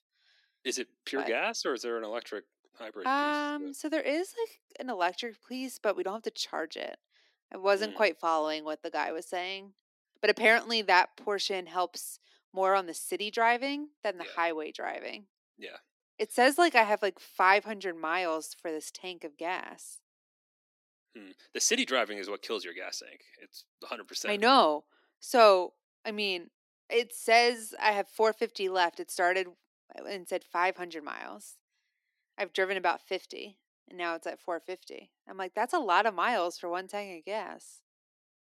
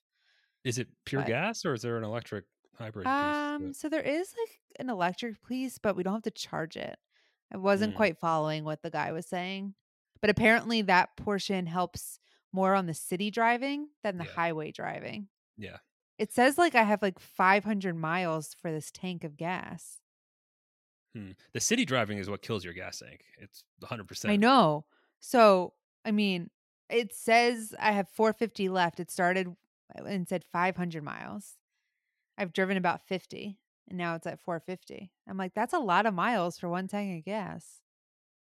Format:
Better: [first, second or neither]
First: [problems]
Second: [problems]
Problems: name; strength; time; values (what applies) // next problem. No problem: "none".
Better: second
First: thin; somewhat; fading below 250 Hz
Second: none